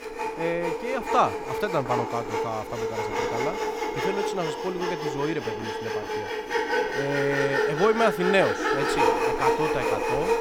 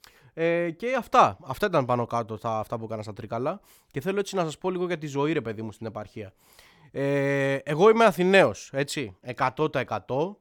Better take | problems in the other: second | machinery noise; very loud; throughout; 1 dB above the speech

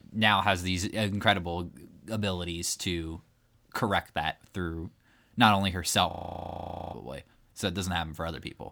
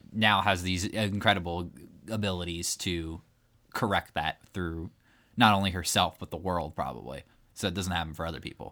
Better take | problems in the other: second | audio freezing; at 6 s for 1 s

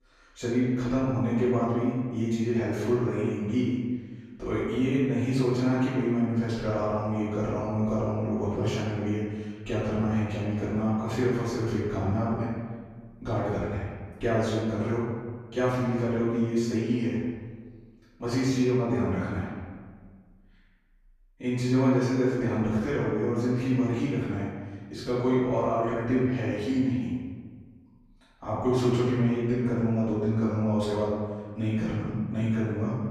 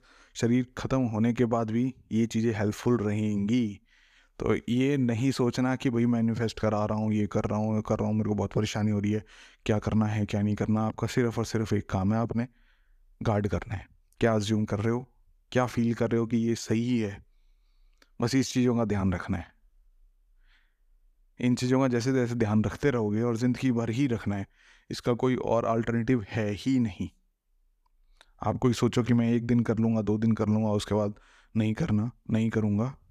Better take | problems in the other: second | off-mic speech; far // room echo; strong; dies away in 1.4 s

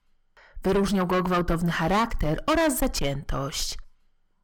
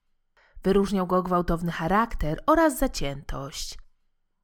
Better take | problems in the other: second | distortion; heavy; 6 dB below the speech

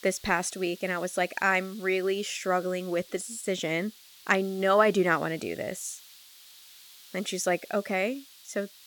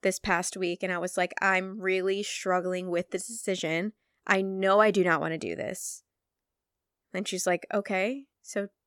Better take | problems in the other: second | hiss; faint; throughout; 20 dB below the speech

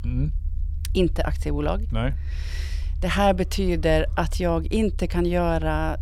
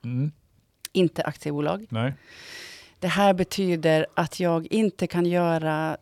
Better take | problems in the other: second | low rumble; faint; throughout; 25 dB below the speech

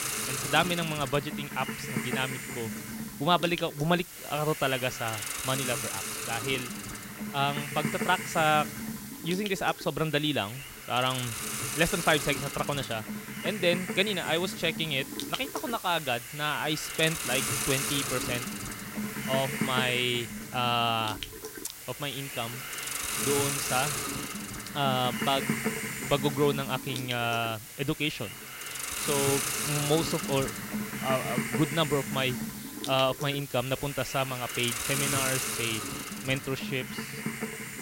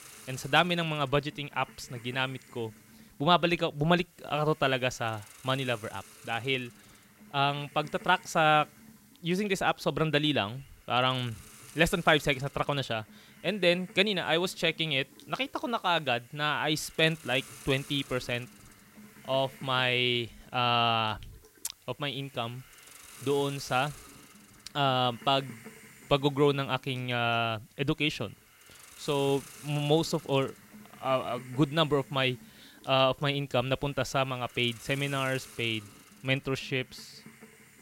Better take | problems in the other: second | hiss; loud; throughout; 4 dB below the speech; faint in the second

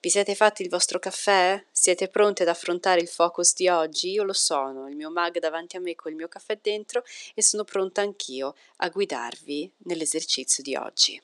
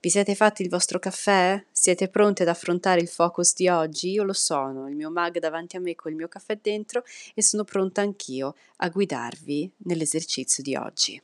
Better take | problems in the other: second | thin; somewhat; fading below 400 Hz

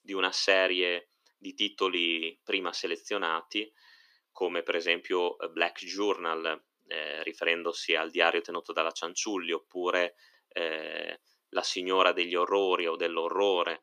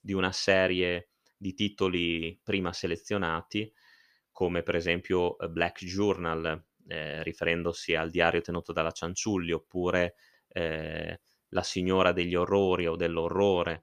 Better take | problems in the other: second | thin; somewhat; fading below 300 Hz

